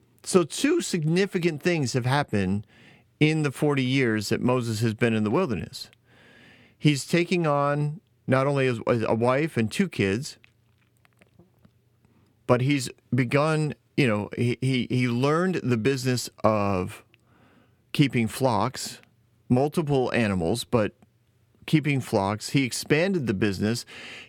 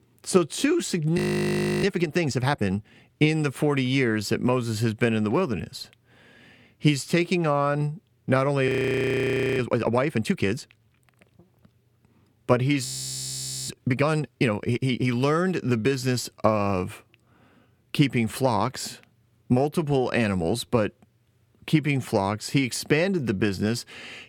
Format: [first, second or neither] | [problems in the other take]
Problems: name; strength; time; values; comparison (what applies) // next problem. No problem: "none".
first | audio freezing; at 1 s for 0.5 s, at 8.5 s for 1 s and at 13 s for 1 s